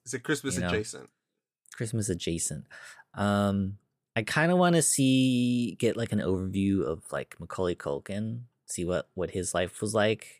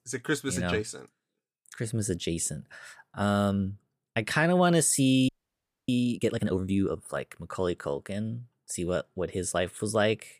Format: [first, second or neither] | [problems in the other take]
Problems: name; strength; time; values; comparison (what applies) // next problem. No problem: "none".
first | audio freezing; at 5.5 s for 0.5 s